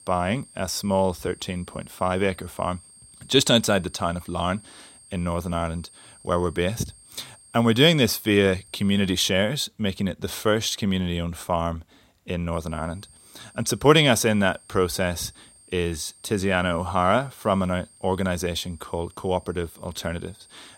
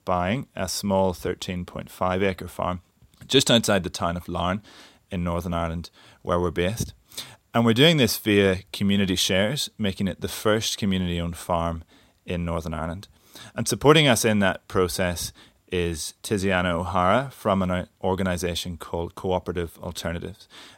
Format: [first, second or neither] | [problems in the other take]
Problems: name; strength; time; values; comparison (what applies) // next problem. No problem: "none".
second | high-pitched whine; faint; until 9.5 s and from 13 s on; 8.5 kHz, 25 dB below the speech